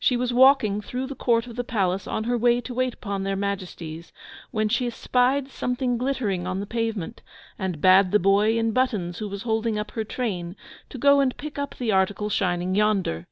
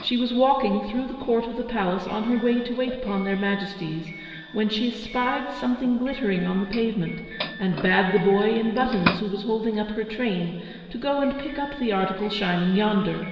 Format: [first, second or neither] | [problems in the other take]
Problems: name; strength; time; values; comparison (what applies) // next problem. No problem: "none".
first | background sound (Doorbell); 14 dB below the speech // room echo; dies away in 2.1 s